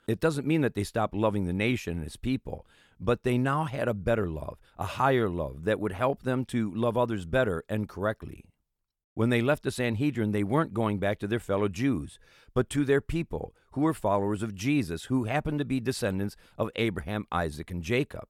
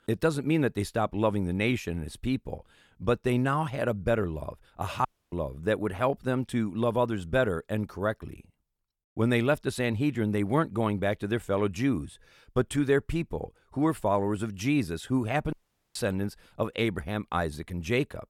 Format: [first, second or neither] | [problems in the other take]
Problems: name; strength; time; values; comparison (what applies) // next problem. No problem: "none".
first | audio cutting out; at 5 s and at 16 s